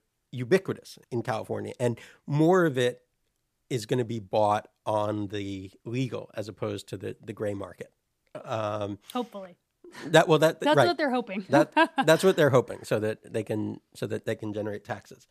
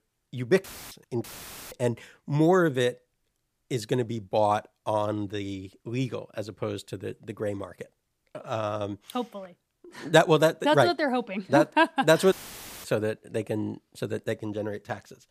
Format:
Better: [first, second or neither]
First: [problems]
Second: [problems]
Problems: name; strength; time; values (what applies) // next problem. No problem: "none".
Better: first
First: none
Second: audio cutting out; filled with static; at 0.5 s, at 1 s and at 12 s for 0.5 s